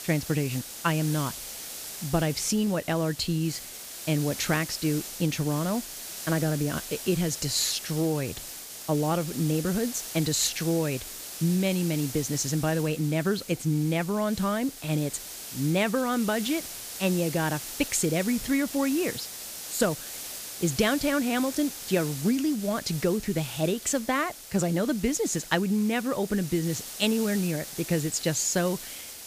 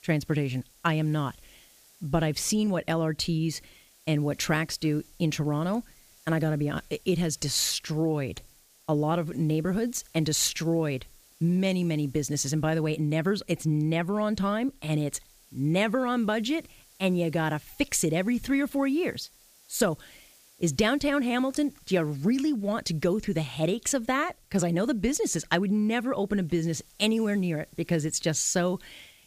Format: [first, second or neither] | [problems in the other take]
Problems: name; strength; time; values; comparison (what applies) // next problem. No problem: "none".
second | hiss; loud; throughout; 9 dB below the speech; faint in the second